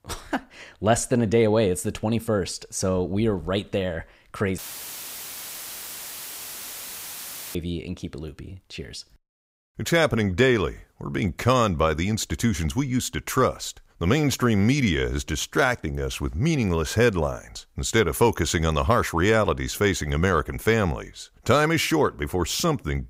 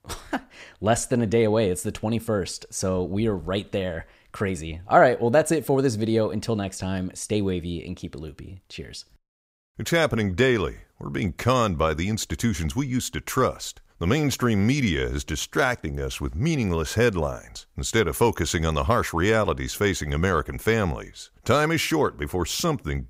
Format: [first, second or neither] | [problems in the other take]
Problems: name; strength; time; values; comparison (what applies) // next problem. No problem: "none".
second | audio cutting out; filled with static; at 4.5 s for 3 s